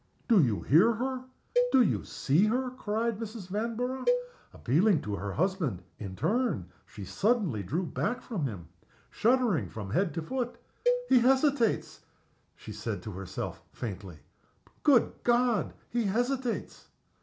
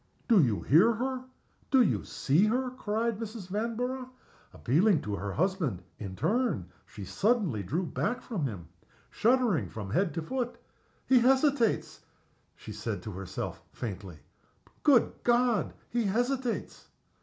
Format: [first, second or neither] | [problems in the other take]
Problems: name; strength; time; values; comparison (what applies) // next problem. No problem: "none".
second | background sound (Cowbell); 6 dB below the speech